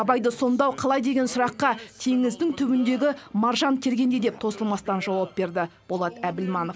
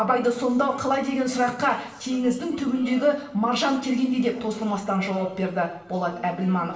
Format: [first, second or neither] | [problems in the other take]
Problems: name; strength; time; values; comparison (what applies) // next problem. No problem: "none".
first | room echo; dies away in 0.8 s